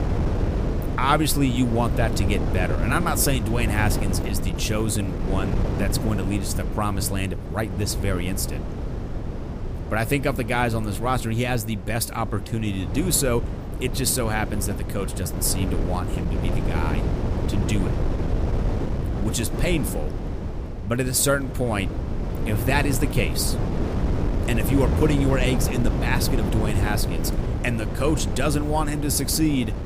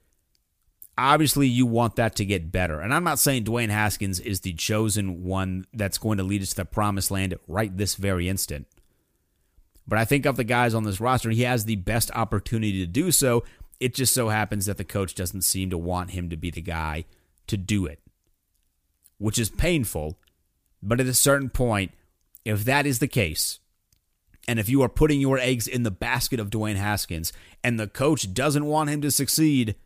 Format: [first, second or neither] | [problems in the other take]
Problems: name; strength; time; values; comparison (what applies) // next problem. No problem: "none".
second | wind noise on the microphone; heavy; 7 dB below the speech